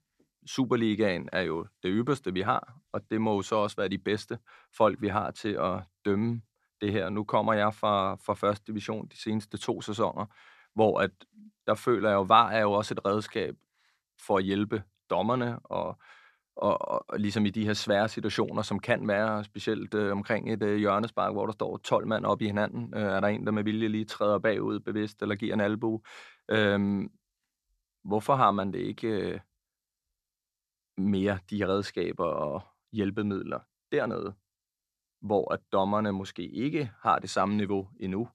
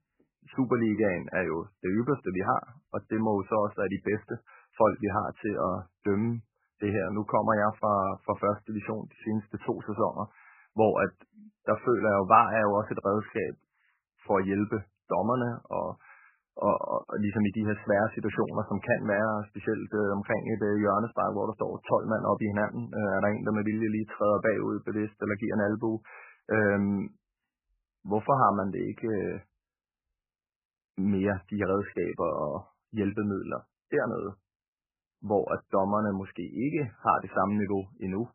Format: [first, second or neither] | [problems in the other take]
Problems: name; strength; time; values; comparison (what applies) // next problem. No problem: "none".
first | garbled, watery; badly; nothing above 2.5 kHz